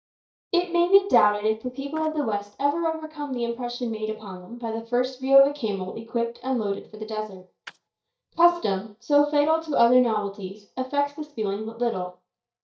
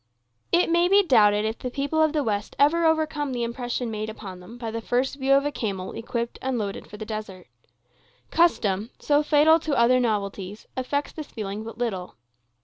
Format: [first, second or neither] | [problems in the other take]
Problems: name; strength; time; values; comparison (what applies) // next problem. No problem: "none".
second | noise reduction (neural mask model DeepFilterNet 3)